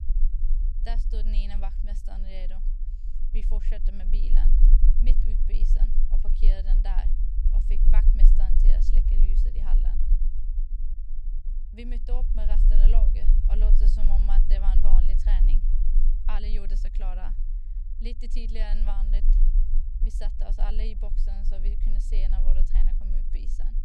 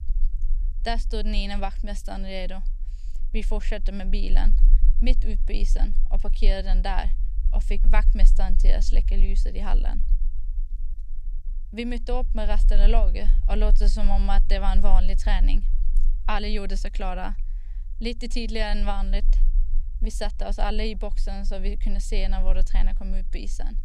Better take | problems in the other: second | low rumble; loud; throughout; 6 dB below the speech; faint in the second

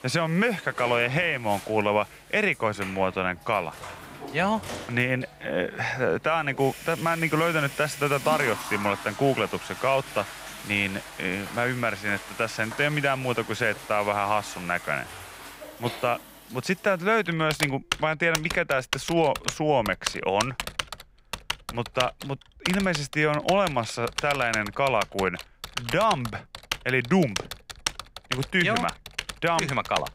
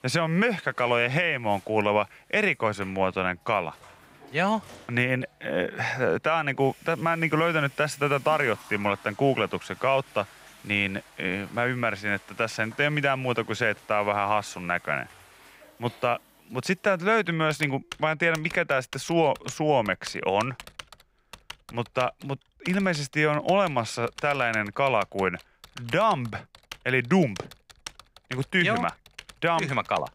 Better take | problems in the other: second | household noises; loud; throughout; 9 dB below the speech; faint in the second

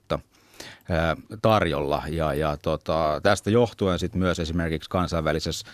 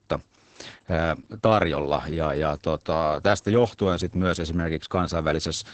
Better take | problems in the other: first | garbled, watery; badly; nothing above 8 kHz

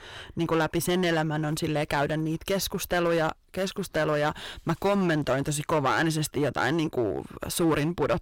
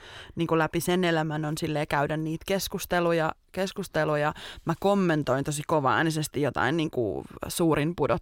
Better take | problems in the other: second | distortion; slight; 8% of the sound clipped

